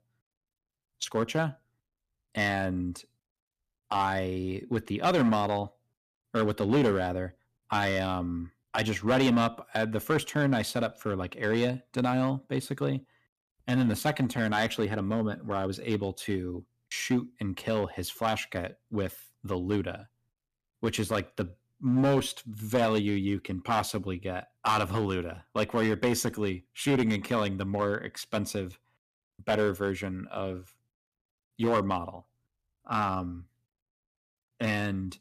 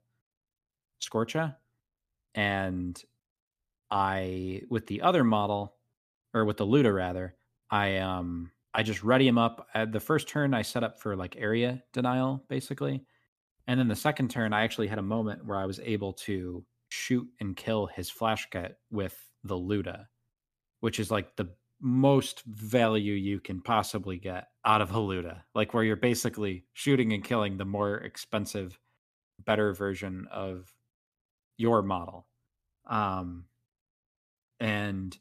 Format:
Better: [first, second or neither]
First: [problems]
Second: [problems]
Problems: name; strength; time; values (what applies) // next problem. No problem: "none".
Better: second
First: distortion; slight; 3% of the sound clipped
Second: none